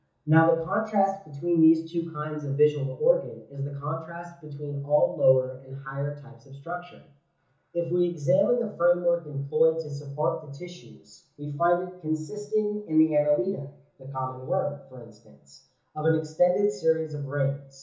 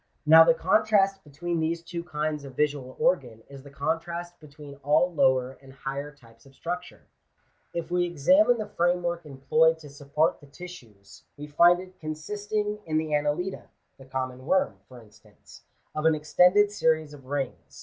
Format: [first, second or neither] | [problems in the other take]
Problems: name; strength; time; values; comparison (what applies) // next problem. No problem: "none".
second | room echo; dies away in 0.7 s